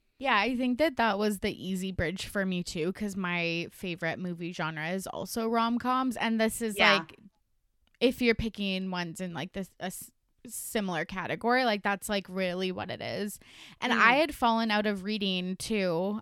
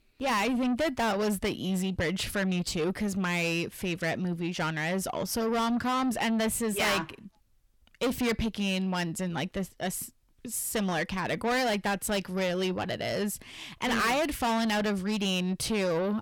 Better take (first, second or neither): first